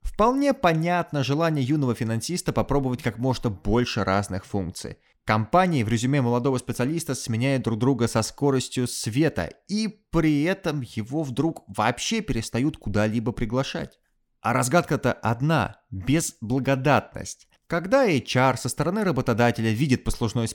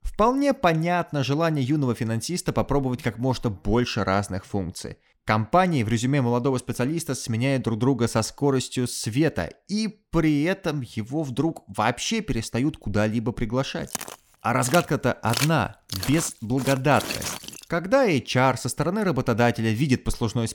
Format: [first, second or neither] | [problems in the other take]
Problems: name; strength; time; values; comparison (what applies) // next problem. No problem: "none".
first | footsteps; noticeable; from 14 to 18 s; peak 3 dB below the speech